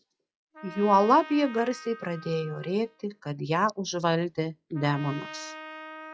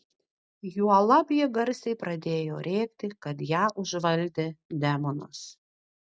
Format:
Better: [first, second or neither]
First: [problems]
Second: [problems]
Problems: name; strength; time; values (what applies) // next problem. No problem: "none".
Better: second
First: noise reduction (classical method log-MMSE)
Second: none